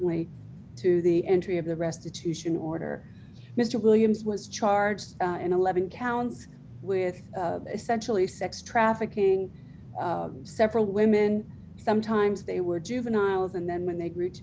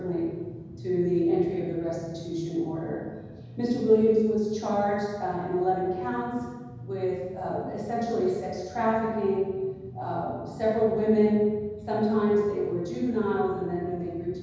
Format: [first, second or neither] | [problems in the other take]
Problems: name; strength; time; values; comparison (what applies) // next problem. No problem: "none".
first | room echo; dies away in 1.2 s